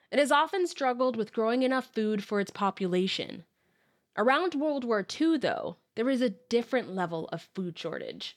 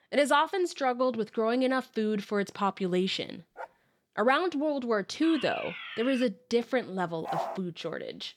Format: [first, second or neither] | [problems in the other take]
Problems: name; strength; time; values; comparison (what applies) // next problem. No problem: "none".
first | dog barking; faint; at 3.5 s; peak 15 dB below the speech // alarm; noticeable; from 5 to 6 s; peak 8 dB below the speech // dog barking; noticeable; at 7.5 s; peak 5 dB below the speech